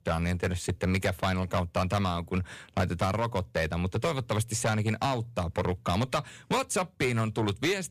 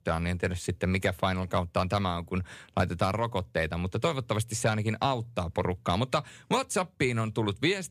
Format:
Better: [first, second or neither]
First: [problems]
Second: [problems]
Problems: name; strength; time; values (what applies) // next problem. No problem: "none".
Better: second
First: distortion; slight; 7% of the sound clipped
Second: none